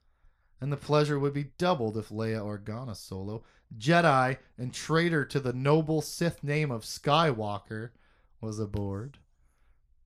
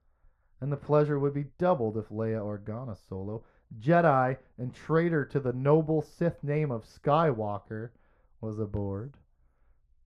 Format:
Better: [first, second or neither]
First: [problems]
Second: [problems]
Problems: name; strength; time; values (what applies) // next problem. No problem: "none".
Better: first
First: none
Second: muffled; very; fading above 2.5 kHz